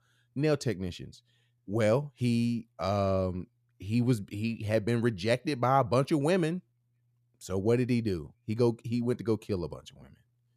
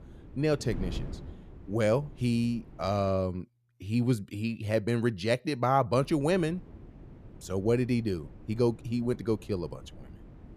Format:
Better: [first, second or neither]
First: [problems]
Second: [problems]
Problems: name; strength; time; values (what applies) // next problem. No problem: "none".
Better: first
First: none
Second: wind noise on the microphone; occasional gusts; until 3 s and from 6 s on; 25 dB below the speech